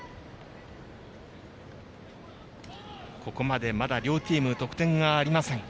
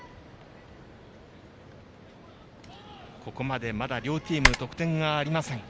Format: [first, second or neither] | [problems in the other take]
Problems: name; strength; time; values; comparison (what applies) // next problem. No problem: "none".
first | background sound (Typing); 3 dB above the speech